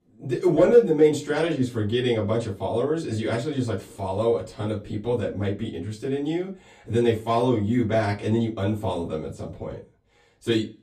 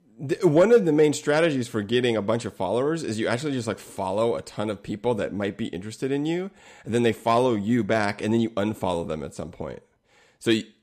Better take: second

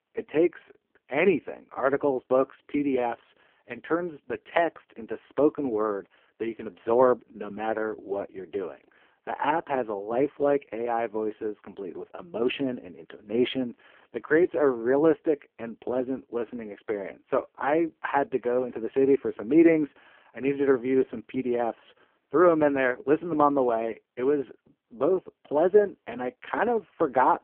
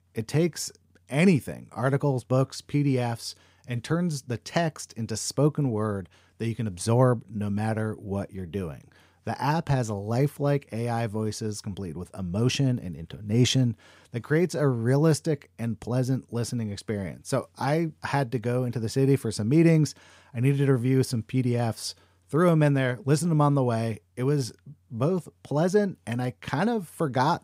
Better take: second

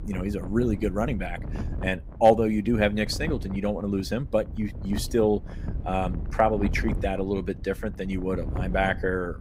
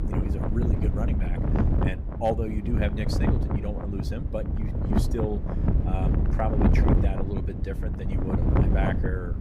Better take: first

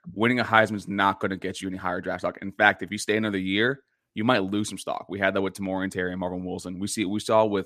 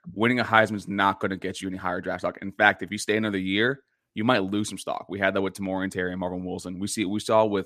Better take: neither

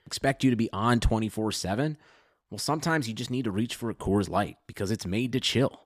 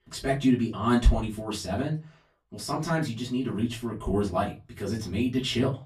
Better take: first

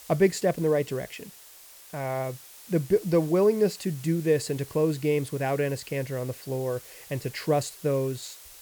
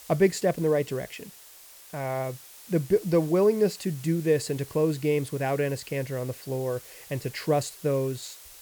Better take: neither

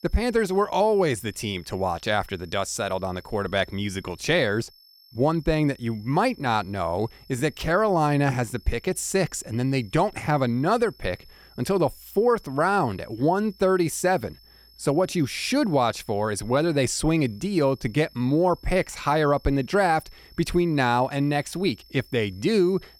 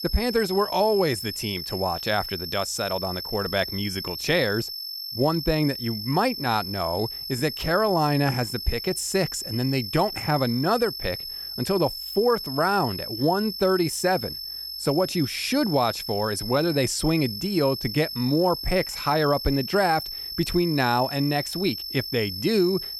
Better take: first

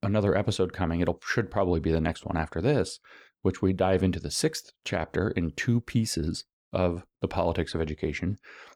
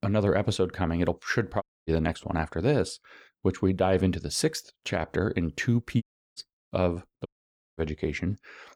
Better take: first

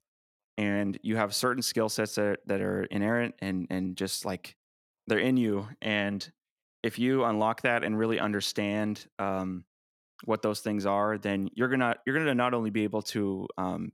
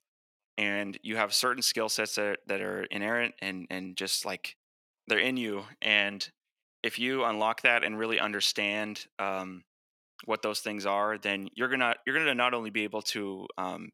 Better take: first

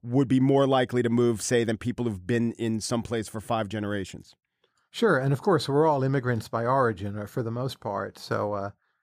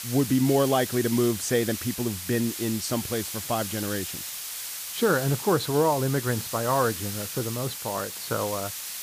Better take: first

